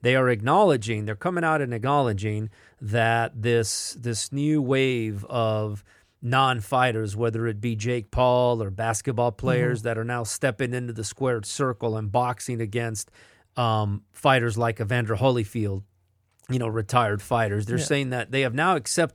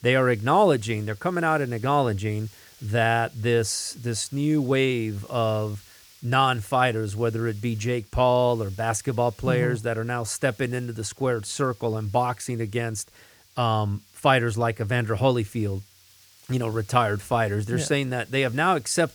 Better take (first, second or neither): first